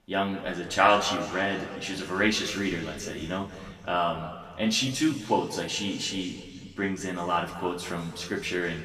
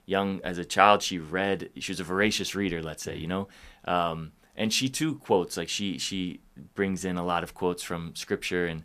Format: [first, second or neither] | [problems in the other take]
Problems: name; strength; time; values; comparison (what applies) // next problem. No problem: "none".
second | room echo; noticeable; dies away in 2.1 s // off-mic speech; far